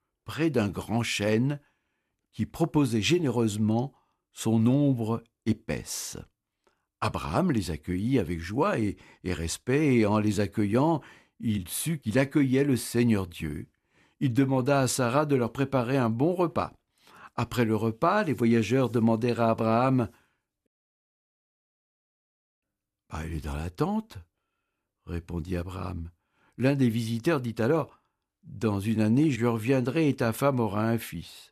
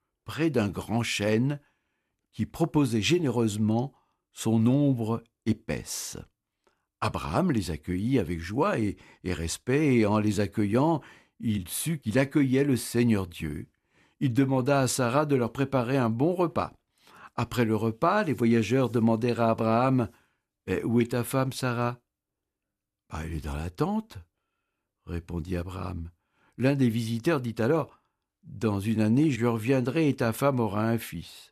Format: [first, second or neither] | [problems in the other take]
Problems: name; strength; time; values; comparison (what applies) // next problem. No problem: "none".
second | audio cutting out; at 21 s for 2 s